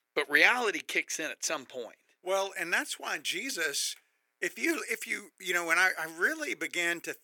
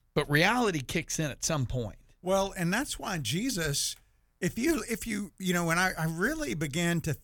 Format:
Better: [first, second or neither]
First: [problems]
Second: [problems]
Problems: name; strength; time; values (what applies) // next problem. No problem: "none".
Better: second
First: thin; very; fading below 350 Hz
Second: none